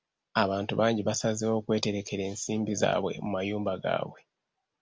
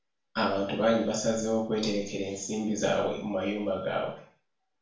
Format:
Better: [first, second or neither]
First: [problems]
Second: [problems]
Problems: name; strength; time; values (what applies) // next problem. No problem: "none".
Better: first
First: none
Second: room echo; dies away in 0.5 s